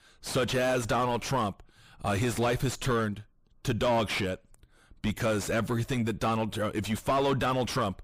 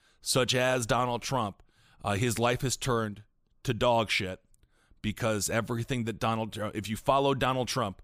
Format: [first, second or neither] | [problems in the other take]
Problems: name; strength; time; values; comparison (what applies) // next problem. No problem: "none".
second | distortion; heavy; 5 dB below the speech